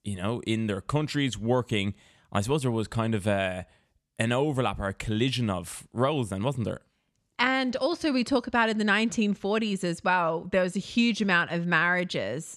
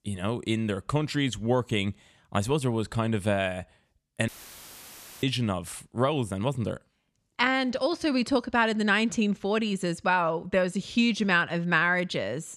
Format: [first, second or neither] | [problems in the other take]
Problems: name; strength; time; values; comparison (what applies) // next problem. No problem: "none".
first | audio cutting out; filled with static; at 4.5 s for 1 s